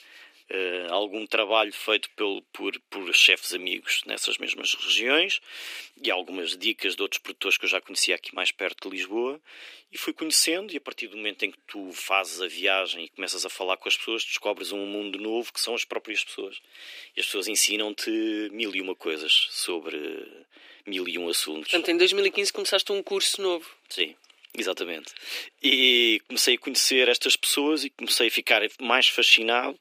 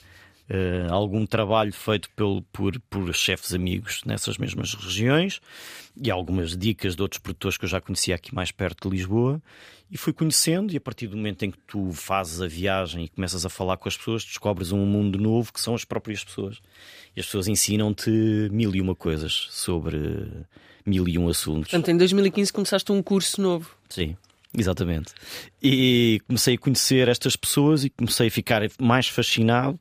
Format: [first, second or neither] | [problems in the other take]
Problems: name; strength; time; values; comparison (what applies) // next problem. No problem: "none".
second | thin; somewhat; fading below 300 Hz